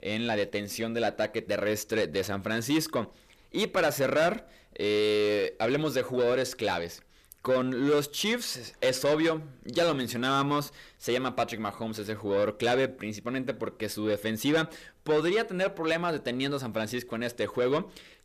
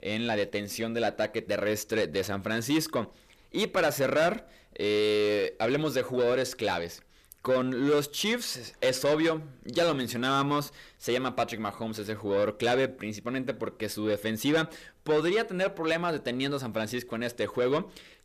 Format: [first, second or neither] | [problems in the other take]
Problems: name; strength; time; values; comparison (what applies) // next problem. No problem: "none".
neither | distortion; slight; 10 dB below the speech; the same in both